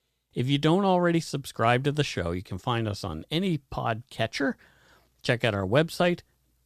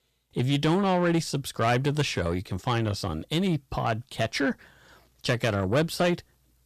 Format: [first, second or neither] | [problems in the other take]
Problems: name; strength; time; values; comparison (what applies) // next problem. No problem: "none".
first | distortion; slight; 10 dB below the speech